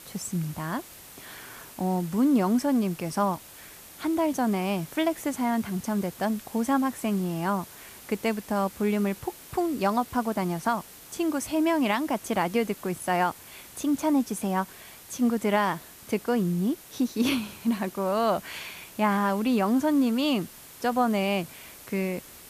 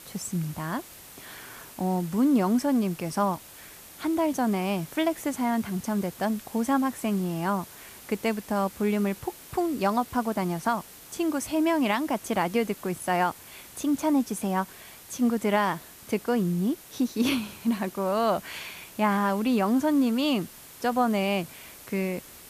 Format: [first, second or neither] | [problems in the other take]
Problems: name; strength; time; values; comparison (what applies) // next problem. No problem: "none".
neither | hiss; noticeable; throughout; 15 dB below the speech; the same in both